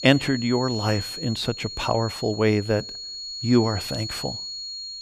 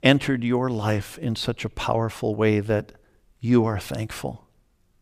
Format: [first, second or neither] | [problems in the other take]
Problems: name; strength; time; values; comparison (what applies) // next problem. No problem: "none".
second | high-pitched whine; loud; throughout; 4.5 kHz, 7 dB below the speech